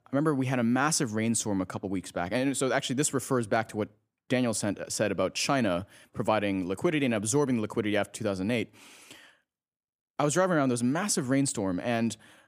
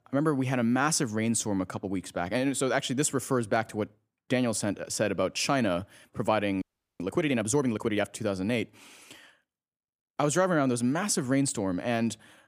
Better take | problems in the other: first | audio freezing; at 6.5 s

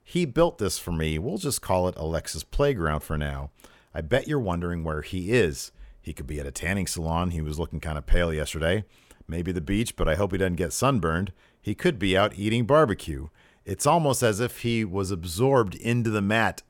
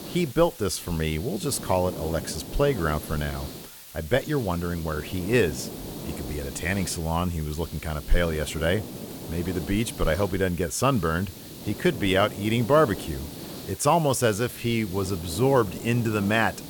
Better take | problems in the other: first | hiss; noticeable; throughout; 10 dB below the speech

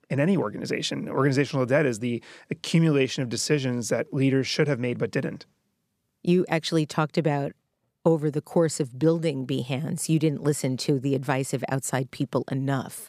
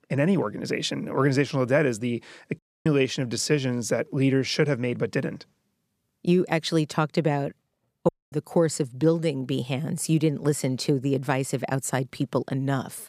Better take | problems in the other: first | audio cutting out; at 2.5 s and at 8 s

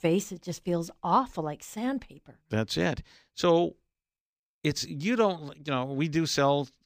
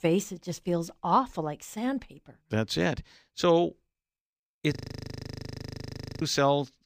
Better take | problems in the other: first | audio freezing; at 5 s for 1.5 s

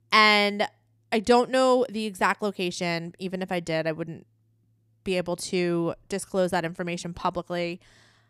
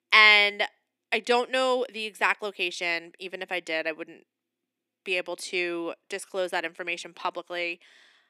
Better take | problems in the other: first | thin; somewhat; fading below 300 Hz

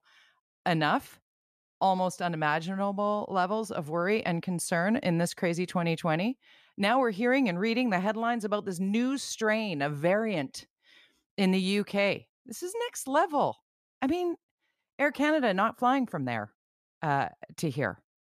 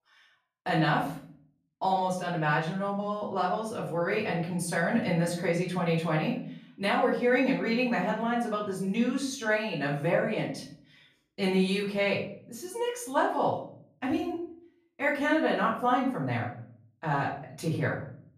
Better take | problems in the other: first | off-mic speech; far // room echo; slight; dies away in 0.5 s

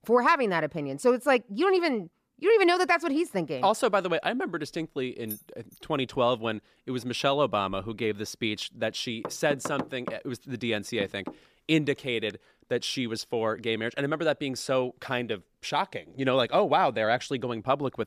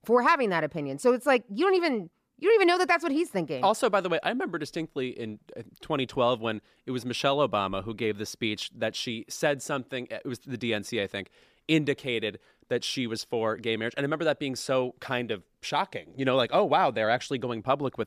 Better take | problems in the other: second | jangling keys; faint; at 5.5 s; peak 10 dB below the speech // door banging; noticeable; from 9 to 12 s; peak 8 dB below the speech

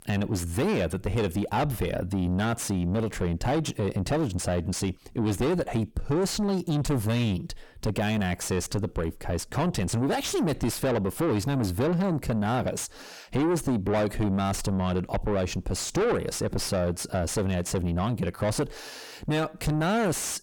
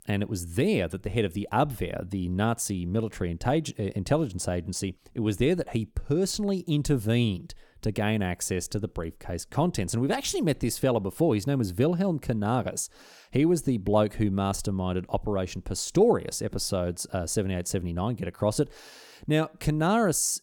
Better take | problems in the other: second | distortion; heavy; 6 dB below the speech

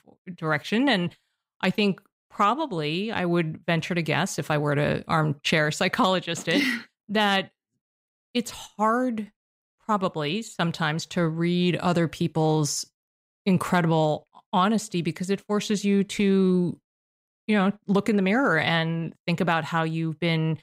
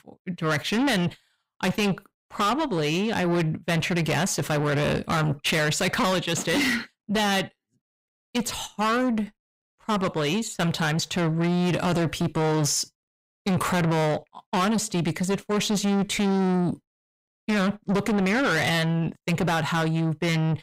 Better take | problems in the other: first | distortion; heavy; 6 dB below the speech

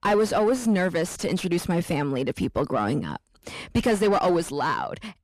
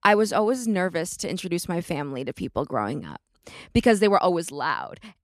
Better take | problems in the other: second | distortion; heavy; 6 dB below the speech

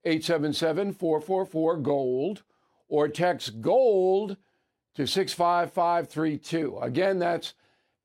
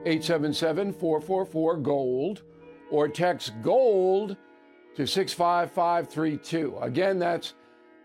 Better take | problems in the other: first | background music; faint; throughout; 20 dB below the speech

